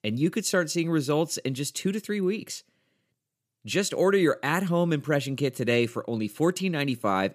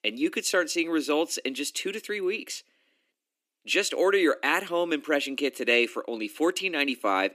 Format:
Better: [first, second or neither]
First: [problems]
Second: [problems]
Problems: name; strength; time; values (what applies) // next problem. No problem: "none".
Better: first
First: none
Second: thin; somewhat; fading below 250 Hz